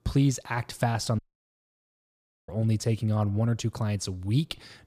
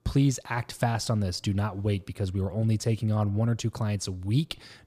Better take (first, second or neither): second